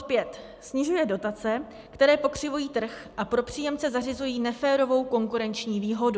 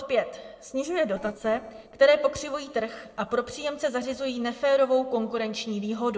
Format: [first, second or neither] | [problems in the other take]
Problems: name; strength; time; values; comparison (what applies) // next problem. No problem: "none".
first | noise reduction (neural separator model SepFormer DNS4)